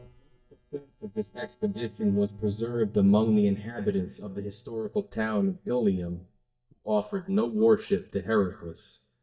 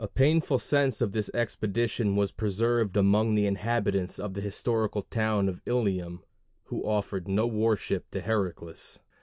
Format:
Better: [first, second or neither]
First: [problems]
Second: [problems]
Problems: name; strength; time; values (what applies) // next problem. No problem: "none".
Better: second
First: noise reduction (neural mask model DeepFilterNet 3)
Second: none